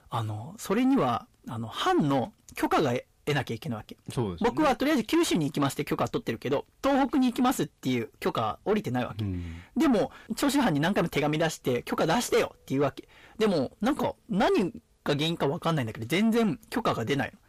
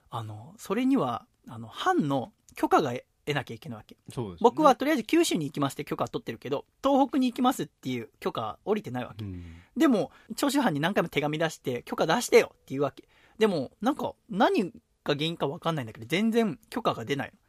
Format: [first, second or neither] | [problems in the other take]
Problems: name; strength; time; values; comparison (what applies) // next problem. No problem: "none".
second | distortion; heavy; 6 dB below the speech